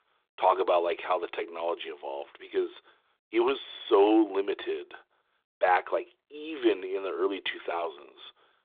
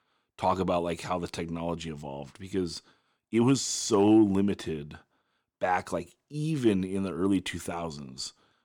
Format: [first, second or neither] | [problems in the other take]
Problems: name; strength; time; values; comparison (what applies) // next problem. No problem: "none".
second | phone-call audio; nothing above 3.5 kHz